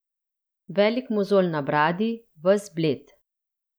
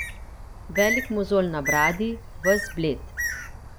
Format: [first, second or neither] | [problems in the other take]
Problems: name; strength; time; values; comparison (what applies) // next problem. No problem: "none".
first | background sound (Bird); 4 dB below the speech